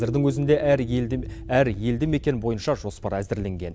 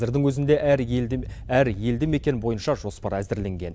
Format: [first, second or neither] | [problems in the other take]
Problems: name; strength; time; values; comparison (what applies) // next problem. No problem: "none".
second | background sound (Keyboard (musical)); 17 dB below the speech